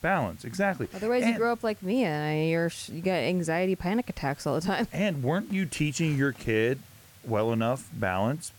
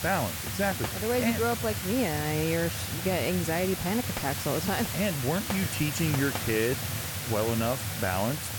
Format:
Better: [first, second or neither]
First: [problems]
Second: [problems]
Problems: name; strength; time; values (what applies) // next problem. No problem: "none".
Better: first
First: hiss; faint; throughout; 25 dB below the speech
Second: hiss; loud; throughout; 3 dB below the speech